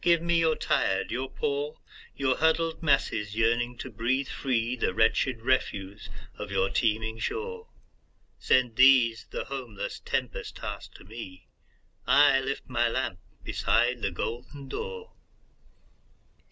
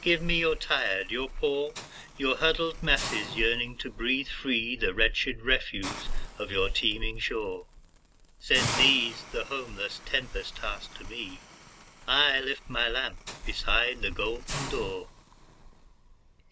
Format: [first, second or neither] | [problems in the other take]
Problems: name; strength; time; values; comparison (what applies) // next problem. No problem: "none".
first | background sound (Hiss); 13 dB below the speech